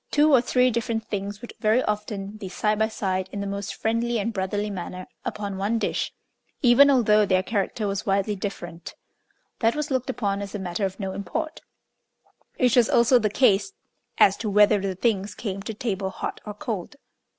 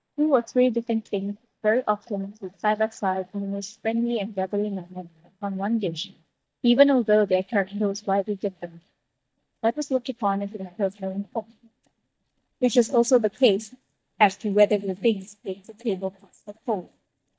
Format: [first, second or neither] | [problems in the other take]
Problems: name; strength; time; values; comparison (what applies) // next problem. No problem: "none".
first | noise reduction (neural mask model DeepFilterNet 3)